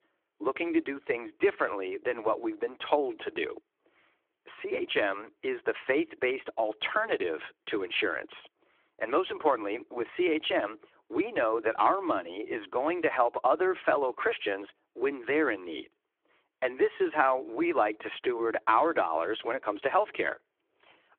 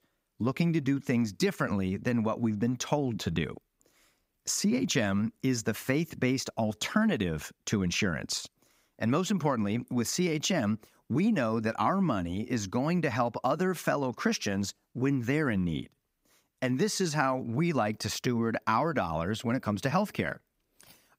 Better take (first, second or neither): second